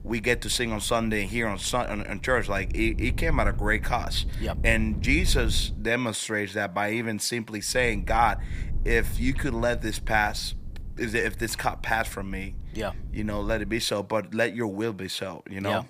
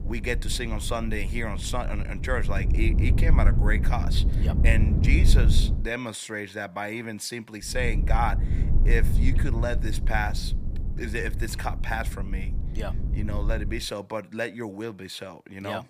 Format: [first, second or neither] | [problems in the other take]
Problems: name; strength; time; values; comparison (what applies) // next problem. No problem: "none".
first | low rumble; loud; until 6 s and from 7.5 to 14 s; 10 dB below the speech; faint in the first